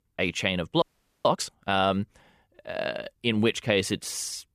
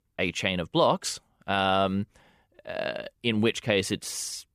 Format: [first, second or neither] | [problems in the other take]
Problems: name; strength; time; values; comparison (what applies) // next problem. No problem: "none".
second | audio freezing; at 1 s